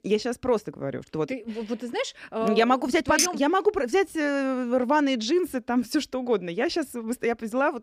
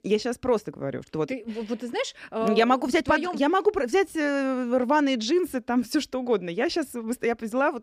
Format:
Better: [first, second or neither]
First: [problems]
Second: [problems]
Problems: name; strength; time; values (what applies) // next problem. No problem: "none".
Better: second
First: clattering dishes; loud; at 3 s; peak 1 dB above the speech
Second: none